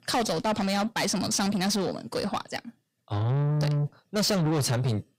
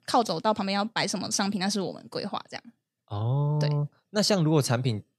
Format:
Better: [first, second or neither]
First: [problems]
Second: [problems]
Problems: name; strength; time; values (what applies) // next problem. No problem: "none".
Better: second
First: distortion; heavy; 7 dB below the speech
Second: none